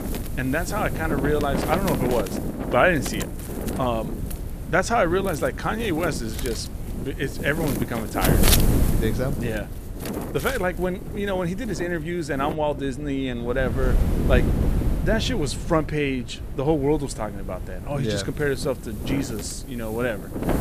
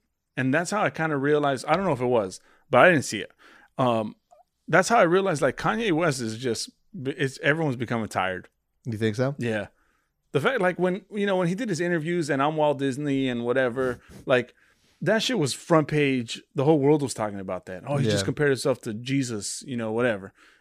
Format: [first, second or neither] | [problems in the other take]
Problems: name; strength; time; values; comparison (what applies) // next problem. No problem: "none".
second | wind noise on the microphone; heavy; 7 dB below the speech